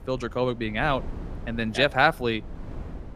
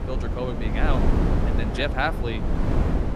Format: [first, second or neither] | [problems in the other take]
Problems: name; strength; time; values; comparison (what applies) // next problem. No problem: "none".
first | wind noise on the microphone; heavy; 3 dB below the speech; occasional gusts in the first